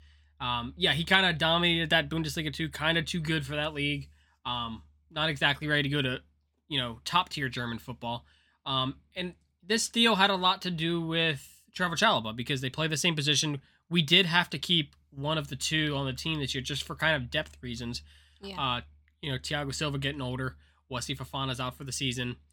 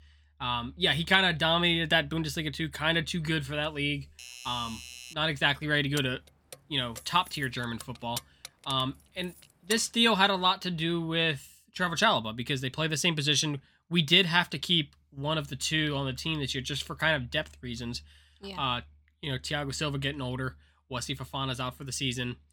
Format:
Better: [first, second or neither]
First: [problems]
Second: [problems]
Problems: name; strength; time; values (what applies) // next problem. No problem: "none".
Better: first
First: none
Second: doorbell; faint; from 4 to 5 s; peak 15 dB below the speech // jangling keys; faint; from 6 to 10 s; peak 10 dB below the speech